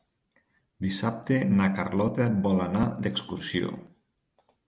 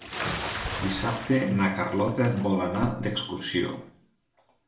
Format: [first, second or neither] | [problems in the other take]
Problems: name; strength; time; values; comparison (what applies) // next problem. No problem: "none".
first | background sound (Bathtub (filling or washing) / Splash, splatter); 10 dB below the speech // room echo; dies away in 0.4 s